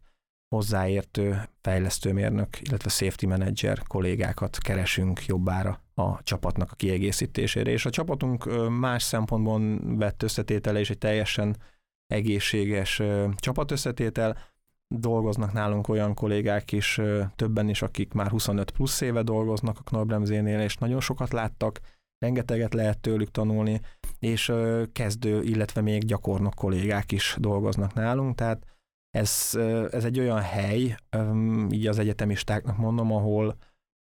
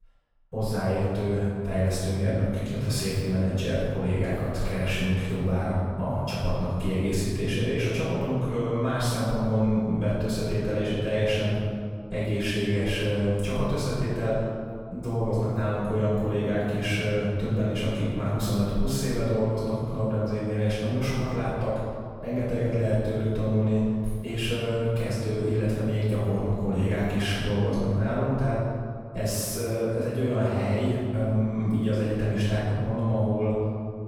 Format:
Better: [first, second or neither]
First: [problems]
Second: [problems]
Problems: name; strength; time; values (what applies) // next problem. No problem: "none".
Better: first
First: none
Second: off-mic speech; far // room echo; strong; dies away in 2 s